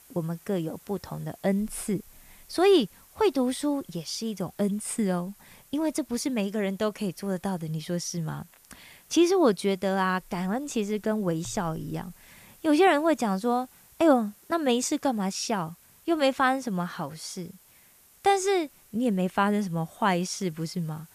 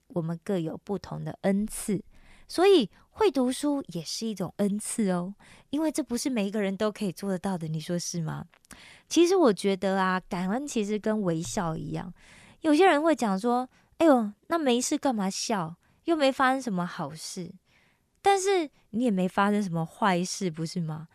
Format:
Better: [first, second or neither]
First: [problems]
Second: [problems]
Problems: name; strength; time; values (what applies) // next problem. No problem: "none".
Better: second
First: hiss; faint; throughout; 25 dB below the speech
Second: none